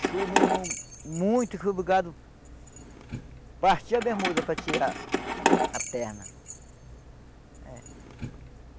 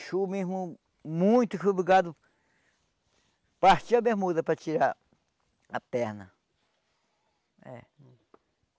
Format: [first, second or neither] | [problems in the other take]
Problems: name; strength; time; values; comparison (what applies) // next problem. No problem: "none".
second | background sound (Keys jangling); 1 dB below the speech